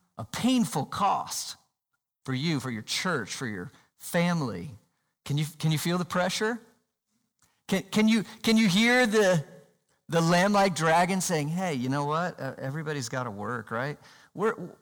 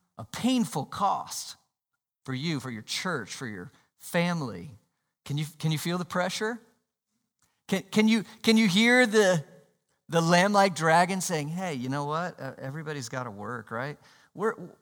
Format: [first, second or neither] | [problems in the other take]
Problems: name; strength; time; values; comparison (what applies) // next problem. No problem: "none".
second | distortion; slight; 10 dB below the speech